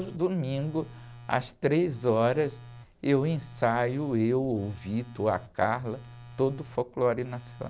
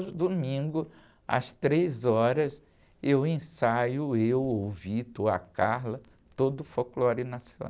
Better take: second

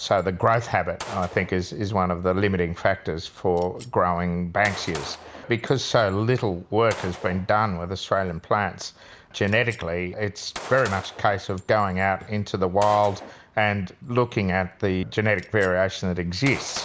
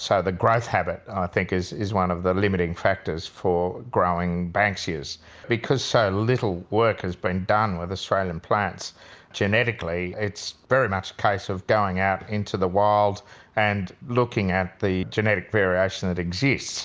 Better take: second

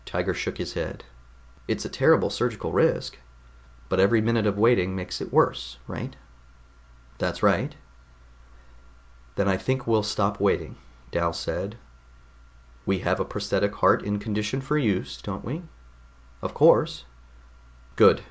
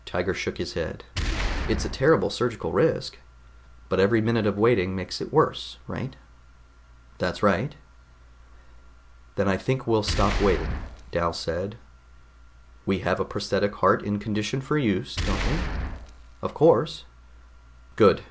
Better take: first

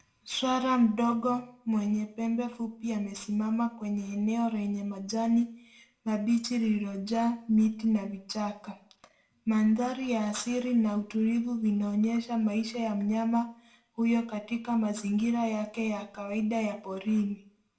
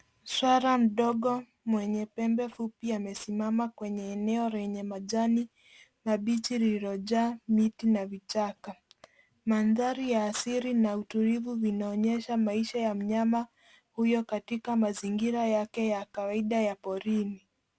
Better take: second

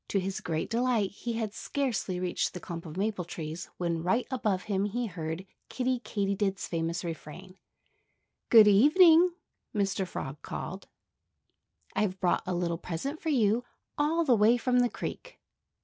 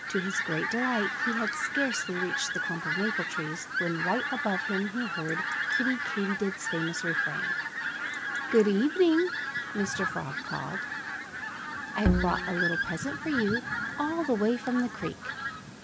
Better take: first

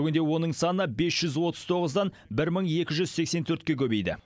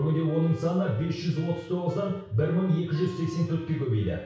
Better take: first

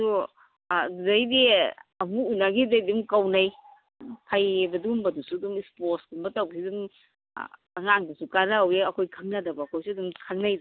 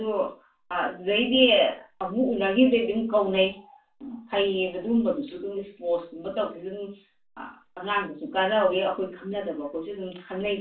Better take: first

